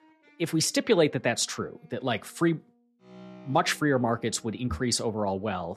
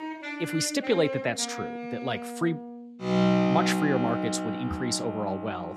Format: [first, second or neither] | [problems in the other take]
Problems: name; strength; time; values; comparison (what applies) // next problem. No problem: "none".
first | background music; loud; throughout; 1 dB below the speech; faint in the first